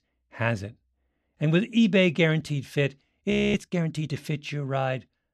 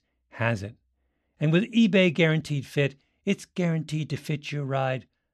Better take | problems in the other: second | audio freezing; at 3.5 s

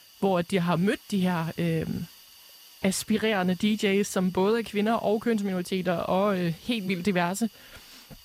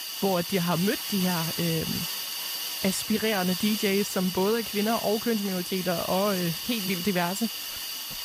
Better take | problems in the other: first | hiss; loud; throughout; 3 dB below the speech; faint in the first

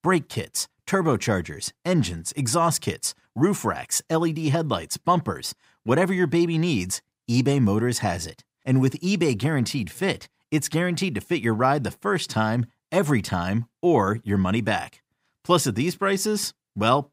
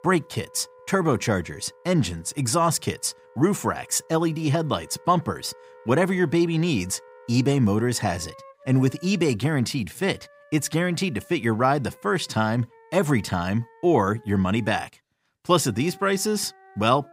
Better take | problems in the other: first | background music; faint; throughout; 25 dB below the speech

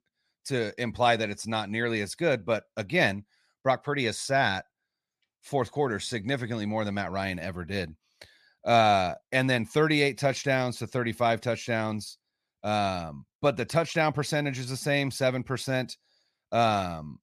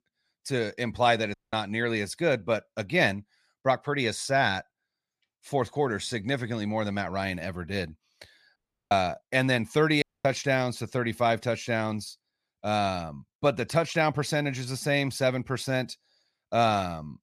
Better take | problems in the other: first | audio cutting out; at 1.5 s, at 8.5 s and at 10 s

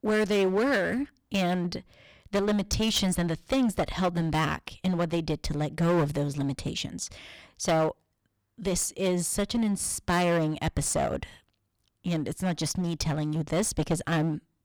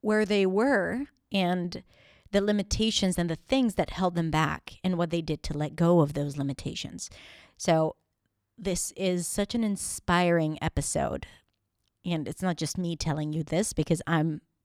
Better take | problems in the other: second | distortion; heavy; 11% of the sound clipped

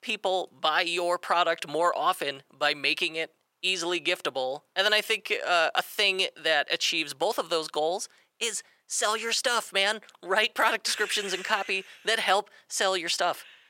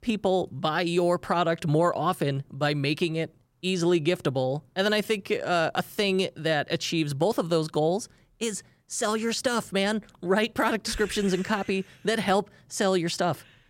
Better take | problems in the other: second | thin; very; fading below 650 Hz

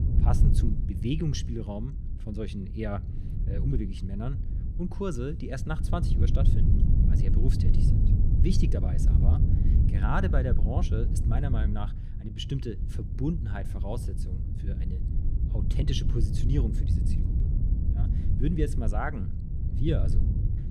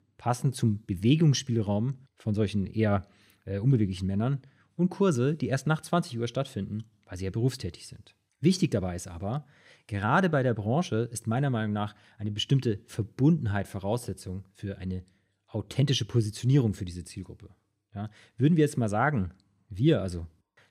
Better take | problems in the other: second | wind noise on the microphone; heavy; 5 dB below the speech

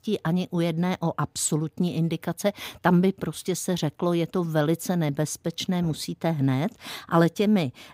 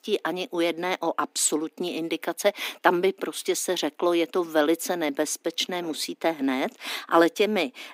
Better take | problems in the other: first | thin; somewhat; fading below 250 Hz

